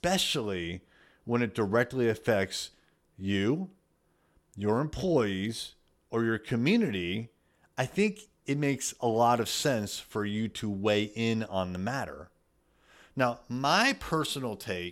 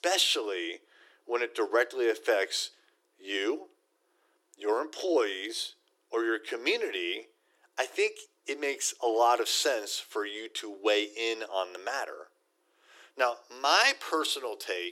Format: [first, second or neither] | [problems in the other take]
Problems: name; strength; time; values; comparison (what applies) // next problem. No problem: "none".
first | thin; very; fading below 300 Hz